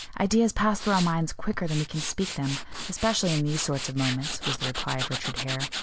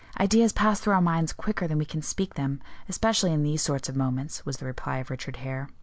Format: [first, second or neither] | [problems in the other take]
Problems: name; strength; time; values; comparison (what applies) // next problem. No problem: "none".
second | background sound (Tools); 8 dB below the speech